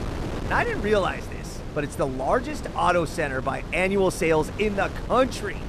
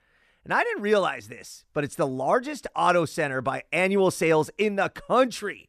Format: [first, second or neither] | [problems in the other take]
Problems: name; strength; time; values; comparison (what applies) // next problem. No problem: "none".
second | wind noise on the microphone; occasional gusts; 15 dB below the speech